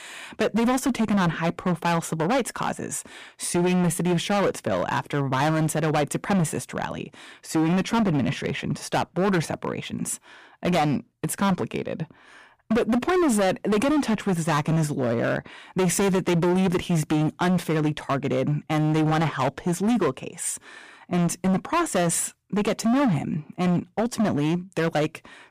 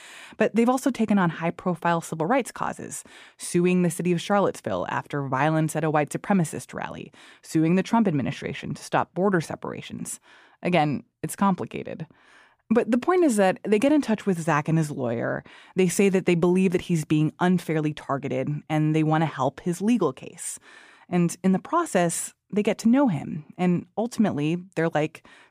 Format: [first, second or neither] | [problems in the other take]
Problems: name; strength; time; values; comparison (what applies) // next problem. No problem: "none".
second | distortion; heavy; 17% of the sound clipped